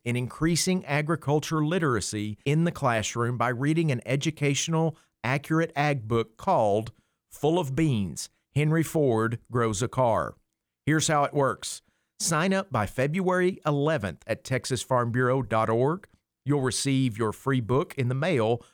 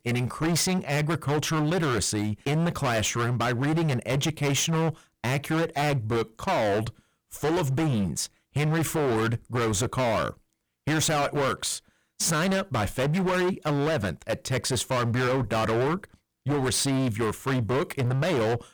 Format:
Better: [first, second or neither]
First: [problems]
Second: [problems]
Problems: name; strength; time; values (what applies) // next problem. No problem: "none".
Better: first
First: none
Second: distortion; heavy; 29% of the sound clipped